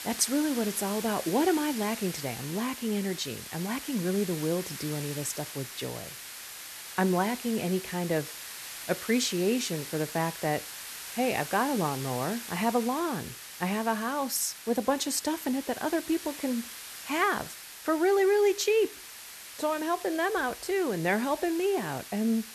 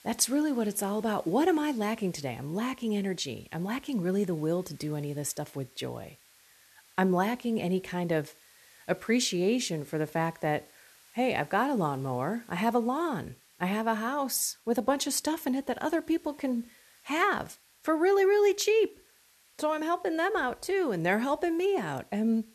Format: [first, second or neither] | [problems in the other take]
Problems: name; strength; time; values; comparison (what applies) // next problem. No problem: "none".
second | hiss; loud; throughout; 10 dB below the speech; faint in the second